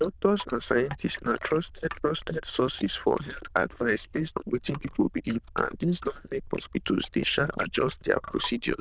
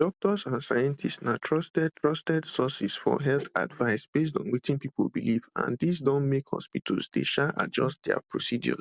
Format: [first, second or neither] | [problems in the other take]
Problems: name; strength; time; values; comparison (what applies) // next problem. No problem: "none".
second | noise reduction (neural diffusion model UNIVERSE++)